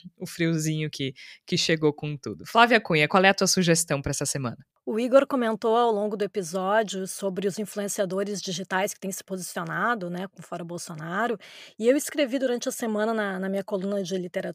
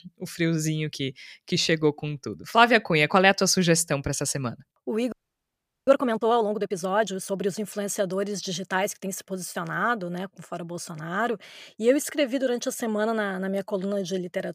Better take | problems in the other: first | audio freezing; at 5 s for 1 s

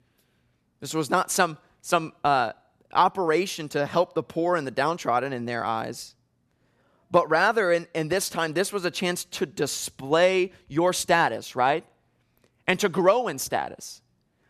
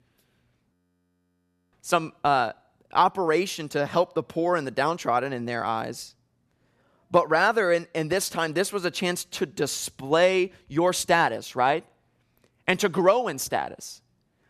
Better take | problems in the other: first | audio freezing; at 0.5 s for 1 s

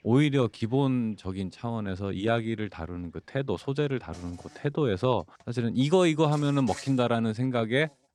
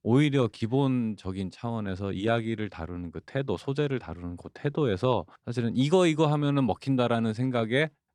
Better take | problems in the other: second | animal sounds; noticeable; throughout; 20 dB below the speech

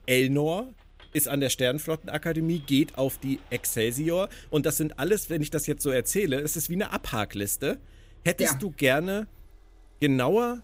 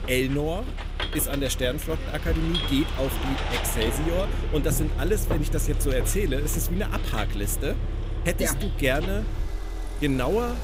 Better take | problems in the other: first | traffic noise; loud; throughout; 2 dB below the speech; faint in the first

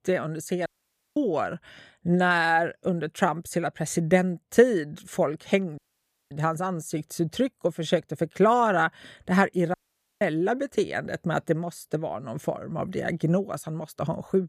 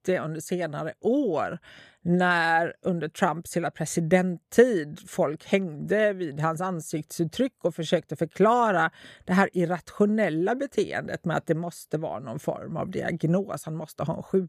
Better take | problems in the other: second | audio cutting out; at 0.5 s, at 6 s for 0.5 s and at 9.5 s

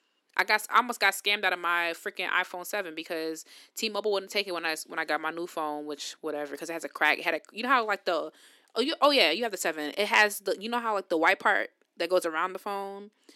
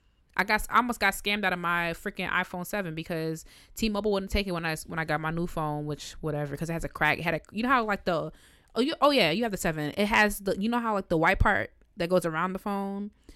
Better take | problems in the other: second | thin; somewhat; fading below 300 Hz

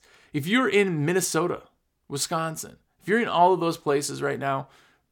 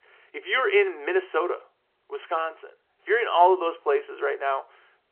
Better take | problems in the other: first | phone-call audio; nothing above 3 kHz

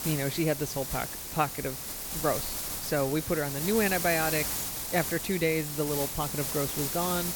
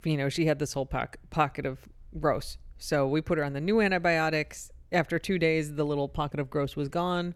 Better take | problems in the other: second | hiss; loud; throughout; 2 dB below the speech

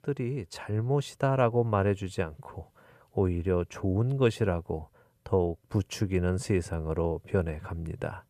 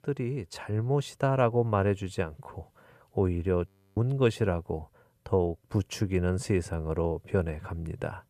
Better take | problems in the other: first | audio freezing; at 3.5 s

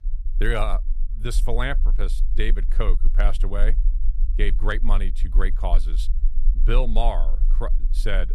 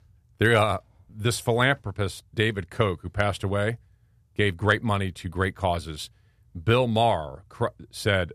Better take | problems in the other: second | low rumble; faint; throughout; 20 dB below the speech

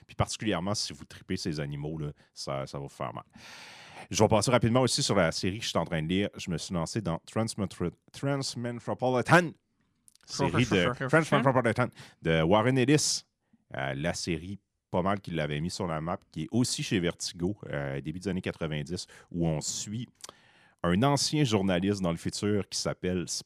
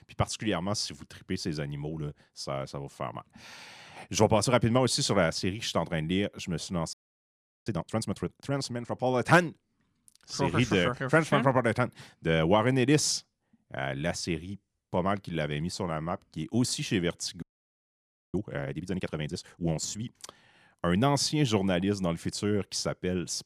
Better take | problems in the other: first | audio freezing; at 7 s for 0.5 s and at 17 s for 1 s

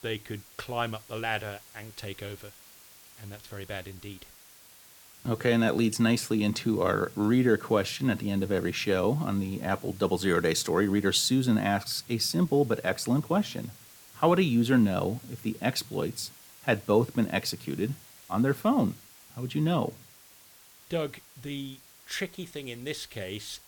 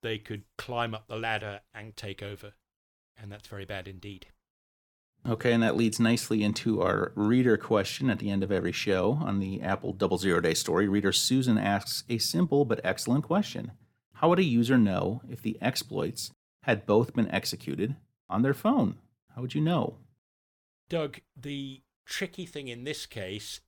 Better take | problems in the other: second | hiss; faint; throughout; 20 dB below the speech

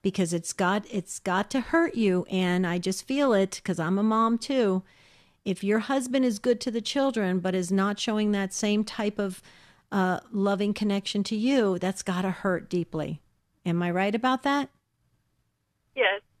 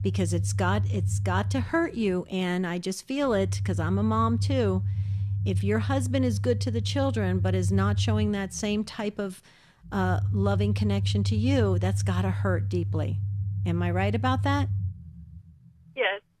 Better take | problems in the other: first | low rumble; noticeable; throughout; 15 dB below the speech

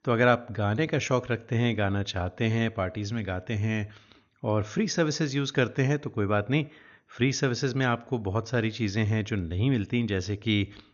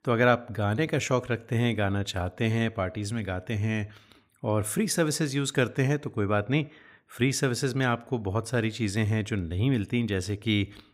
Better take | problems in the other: second | garbled, watery; slightly; nothing above 6.5 kHz

